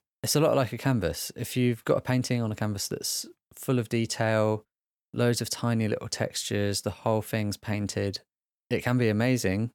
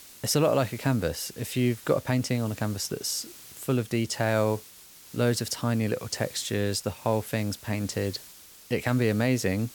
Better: first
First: none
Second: hiss; noticeable; throughout; 20 dB below the speech

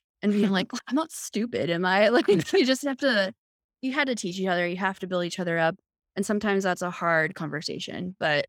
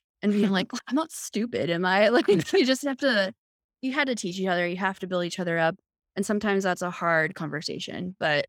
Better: neither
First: none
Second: none

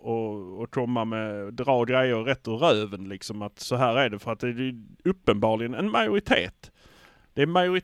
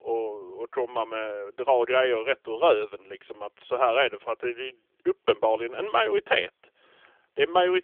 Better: first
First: none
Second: phone-call audio; nothing above 3.5 kHz

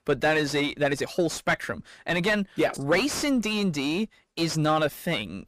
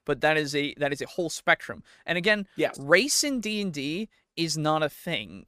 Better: second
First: distortion; heavy; 6 dB below the speech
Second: none

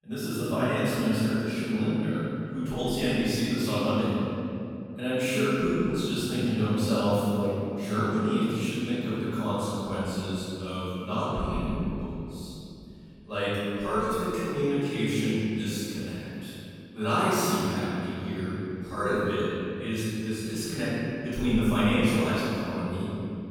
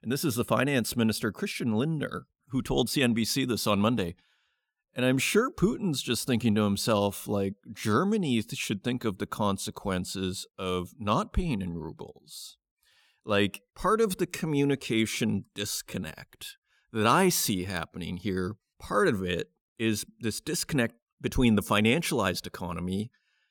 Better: second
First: off-mic speech; far // room echo; strong; dies away in 2.5 s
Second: none

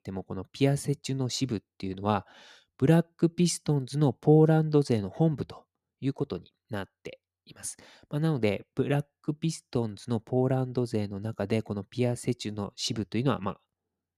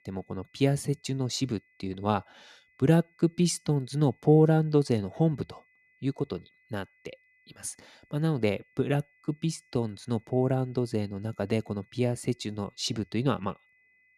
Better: first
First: none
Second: high-pitched whine; faint; throughout; 2 kHz, 35 dB below the speech

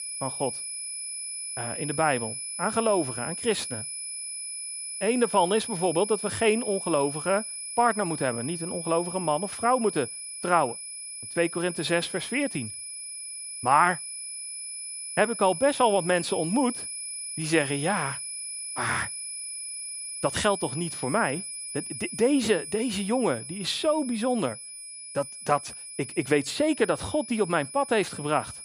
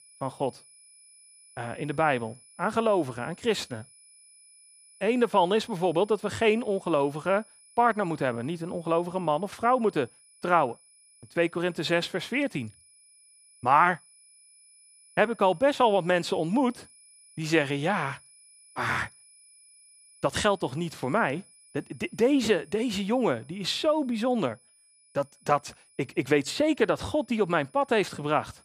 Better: second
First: high-pitched whine; loud; throughout; 10 kHz, 7 dB below the speech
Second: high-pitched whine; faint; throughout; 10 kHz, 25 dB below the speech

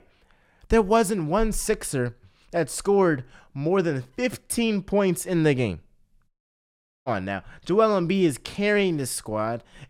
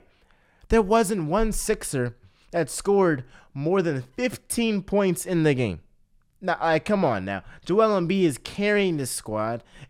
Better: second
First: audio cutting out; at 6.5 s for 1 s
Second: none

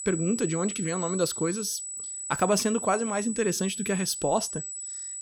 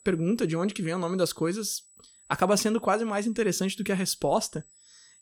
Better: second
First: high-pitched whine; loud; throughout; 8 kHz, 5 dB below the speech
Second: high-pitched whine; faint; throughout; 8 kHz, 25 dB below the speech

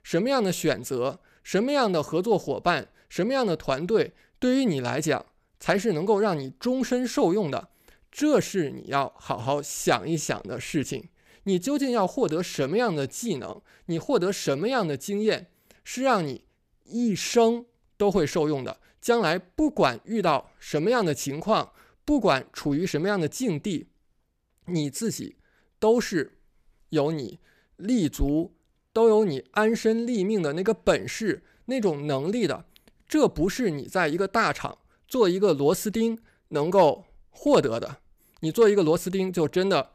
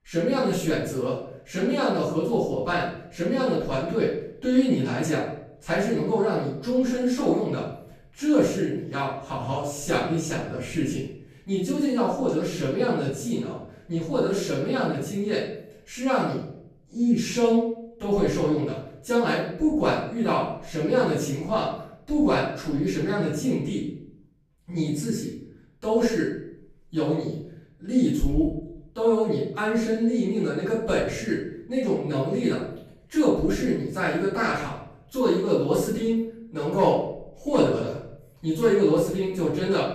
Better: first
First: none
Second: off-mic speech; far // room echo; noticeable; dies away in 0.6 s

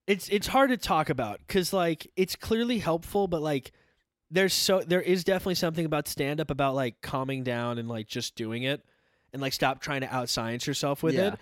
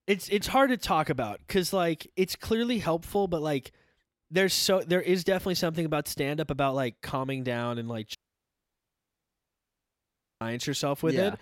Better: first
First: none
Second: audio cutting out; at 8 s for 2.5 s

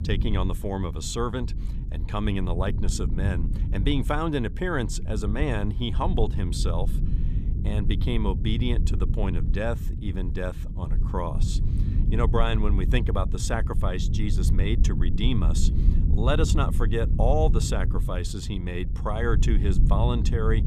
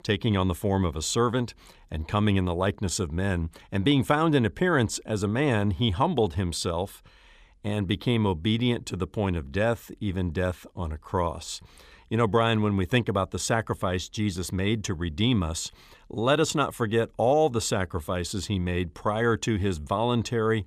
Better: second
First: low rumble; noticeable; throughout; 10 dB below the speech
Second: none

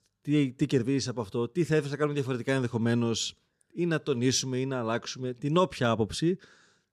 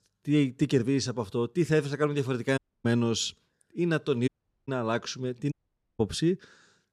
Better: first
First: none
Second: audio cutting out; at 2.5 s, at 4.5 s and at 5.5 s

